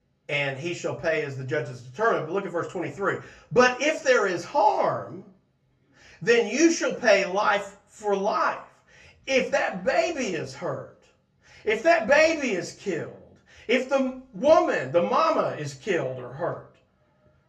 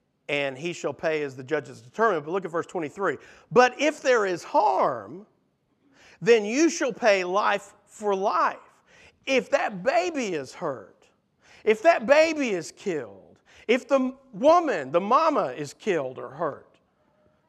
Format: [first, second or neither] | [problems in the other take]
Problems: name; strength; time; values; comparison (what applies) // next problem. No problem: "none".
second | room echo; very slight; dies away in 0.3 s // off-mic speech; far